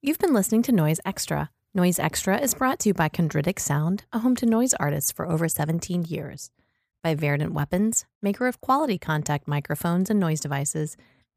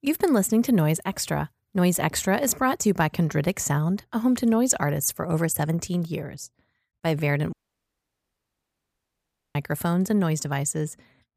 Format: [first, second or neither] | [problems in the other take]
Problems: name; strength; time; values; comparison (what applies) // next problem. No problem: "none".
first | audio cutting out; at 7.5 s for 2 s